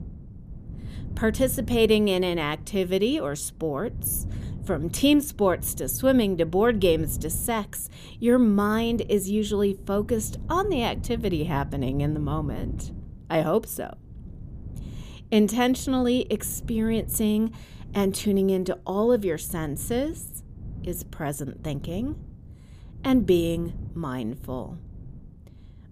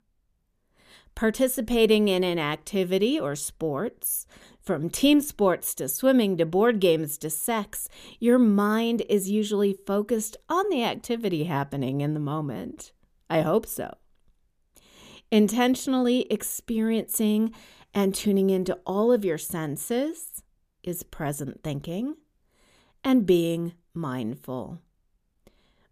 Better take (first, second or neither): second